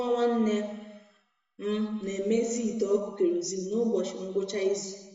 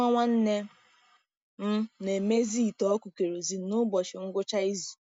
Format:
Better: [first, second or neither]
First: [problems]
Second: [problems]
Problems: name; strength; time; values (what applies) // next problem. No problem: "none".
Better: second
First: room echo; dies away in 1.1 s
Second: none